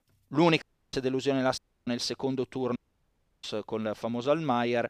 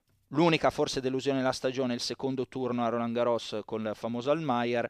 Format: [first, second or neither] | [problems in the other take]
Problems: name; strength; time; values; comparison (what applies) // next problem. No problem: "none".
second | audio cutting out; at 0.5 s, at 1.5 s and at 3 s for 0.5 s